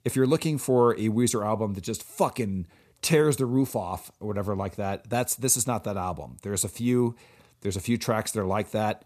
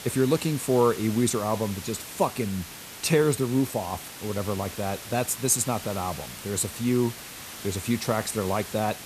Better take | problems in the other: first | hiss; noticeable; throughout; 10 dB below the speech

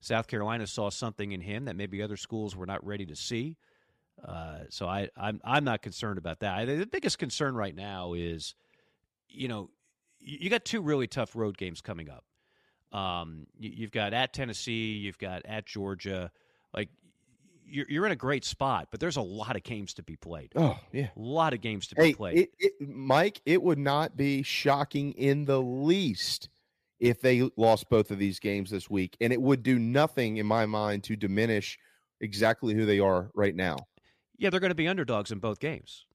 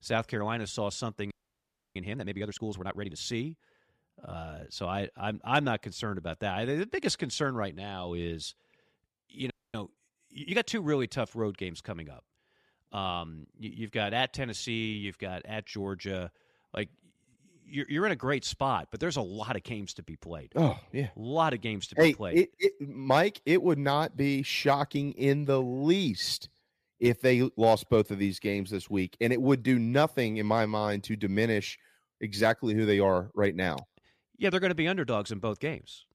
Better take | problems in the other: first | audio freezing; at 1.5 s for 0.5 s and at 9.5 s

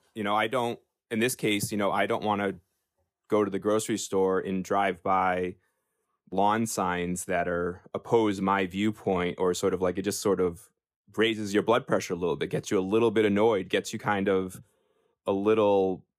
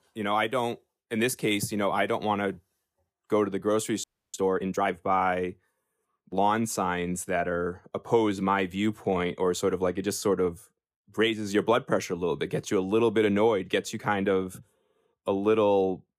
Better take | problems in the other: first | audio freezing; at 4 s

